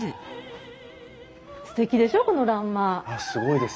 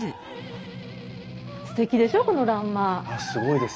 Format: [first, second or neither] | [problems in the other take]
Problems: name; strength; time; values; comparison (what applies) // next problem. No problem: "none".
first | background sound (Strum); 13 dB below the speech